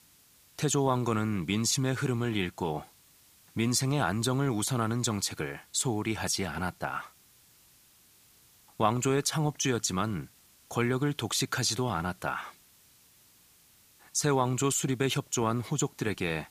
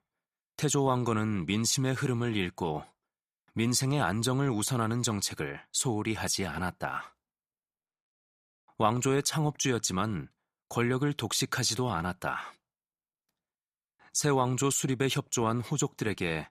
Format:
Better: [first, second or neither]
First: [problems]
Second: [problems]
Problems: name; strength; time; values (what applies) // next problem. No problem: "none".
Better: second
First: hiss; faint; throughout; 30 dB below the speech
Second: none